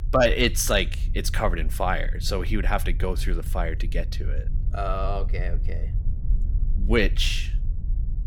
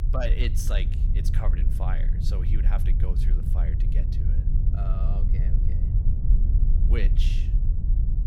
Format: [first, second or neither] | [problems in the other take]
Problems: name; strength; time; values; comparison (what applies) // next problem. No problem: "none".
first | low rumble; loud; throughout; 4 dB below the speech; faint in the first